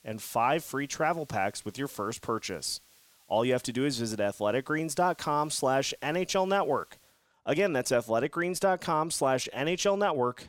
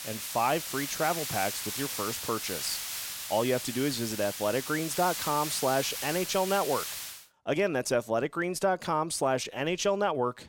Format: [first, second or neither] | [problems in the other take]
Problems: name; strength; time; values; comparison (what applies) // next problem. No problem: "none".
first | hiss; loud; until 7 s; 5 dB below the speech; faint in the first